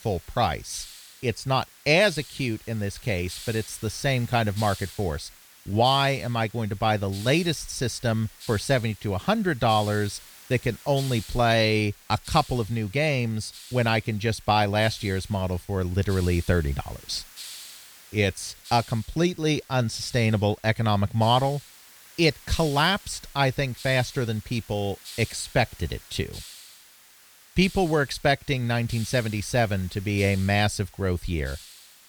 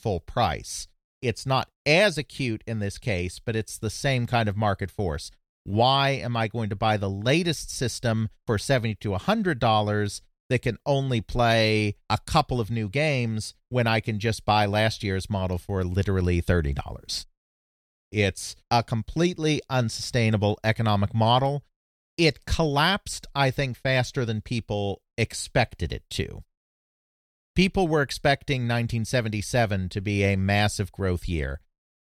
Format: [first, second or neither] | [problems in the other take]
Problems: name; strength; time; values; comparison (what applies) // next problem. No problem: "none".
second | hiss; noticeable; throughout; 20 dB below the speech